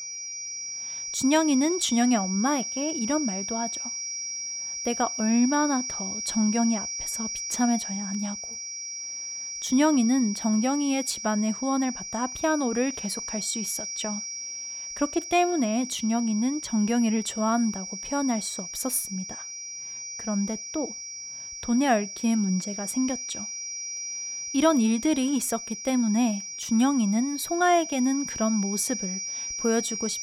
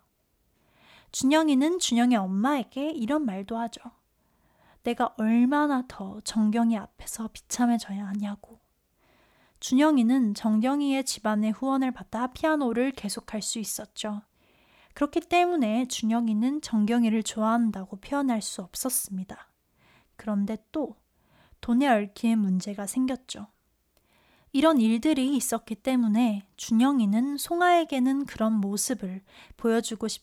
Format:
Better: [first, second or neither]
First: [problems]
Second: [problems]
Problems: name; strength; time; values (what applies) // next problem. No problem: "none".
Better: second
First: high-pitched whine; loud; throughout; 5.5 kHz, 6 dB below the speech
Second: none